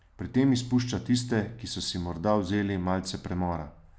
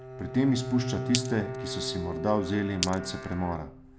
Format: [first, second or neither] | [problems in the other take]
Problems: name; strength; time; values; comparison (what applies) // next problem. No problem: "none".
first | background sound (Bowed string instrument + Glass); 6 dB below the speech